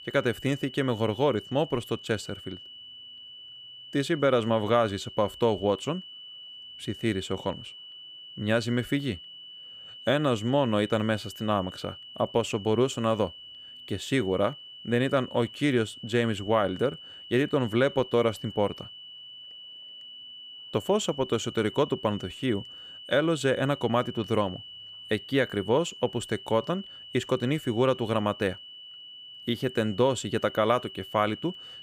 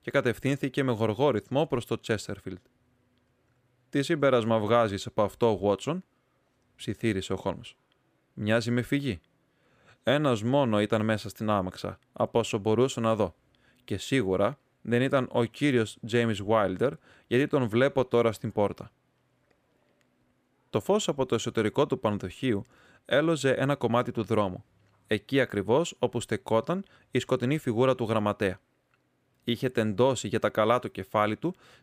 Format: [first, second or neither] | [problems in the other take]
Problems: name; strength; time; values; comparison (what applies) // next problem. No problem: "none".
second | high-pitched whine; noticeable; throughout; 3 kHz, 15 dB below the speech